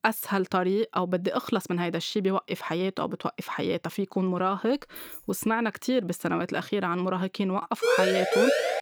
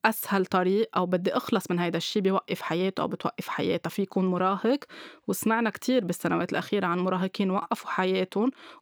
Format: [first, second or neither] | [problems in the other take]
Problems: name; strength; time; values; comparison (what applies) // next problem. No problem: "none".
second | jangling keys; faint; at 5 s; peak 10 dB below the speech // siren; loud; at 8 s; peak 5 dB above the speech